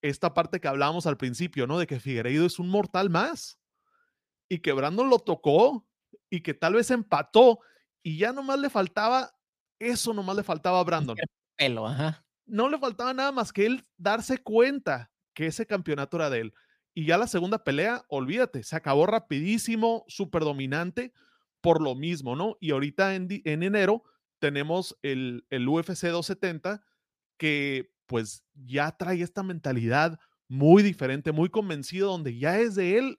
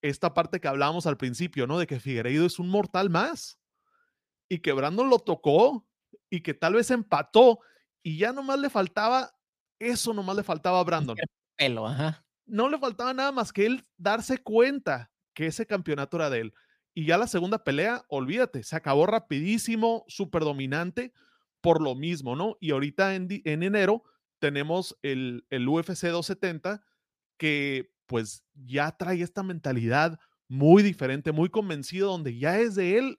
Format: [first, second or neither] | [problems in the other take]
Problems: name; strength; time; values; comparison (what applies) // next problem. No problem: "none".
neither | none